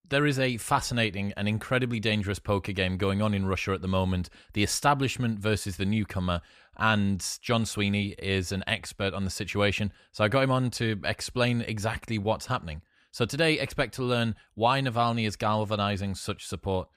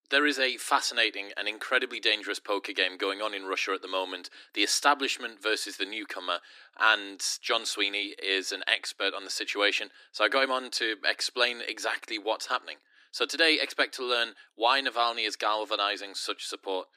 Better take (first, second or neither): first